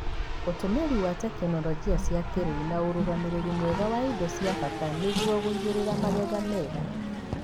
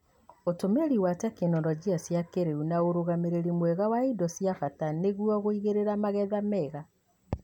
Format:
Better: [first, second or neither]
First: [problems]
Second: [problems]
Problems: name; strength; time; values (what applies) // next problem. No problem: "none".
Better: second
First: background sound (Race car, auto racing); 2 dB below the speech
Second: none